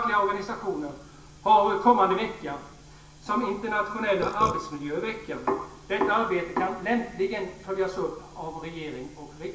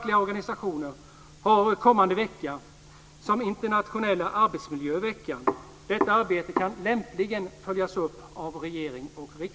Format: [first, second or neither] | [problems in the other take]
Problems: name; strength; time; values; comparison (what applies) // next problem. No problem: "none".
second | background sound (Burping, eructation); 5 dB below the speech // room echo; dies away in 0.9 s